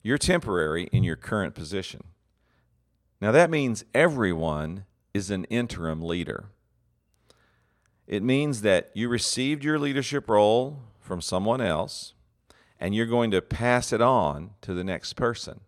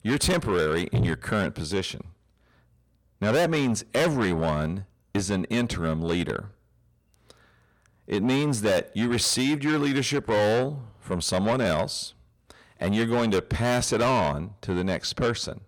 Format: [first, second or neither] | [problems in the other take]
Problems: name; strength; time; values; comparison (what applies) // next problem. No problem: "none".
first | distortion; heavy; 6 dB below the speech